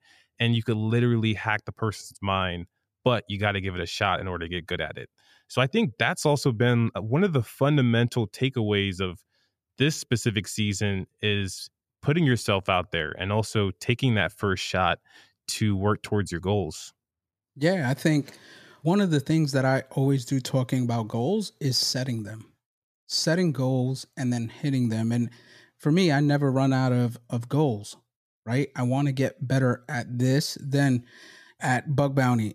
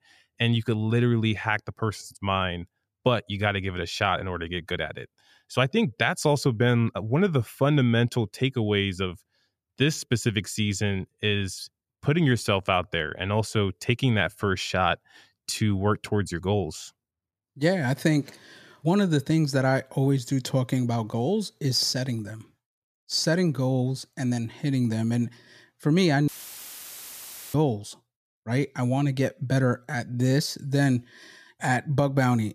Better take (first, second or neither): first